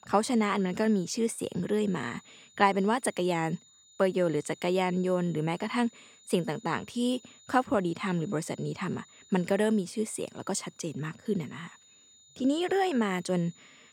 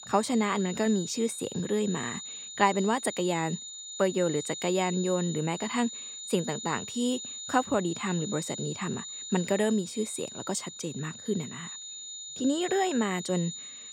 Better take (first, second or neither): first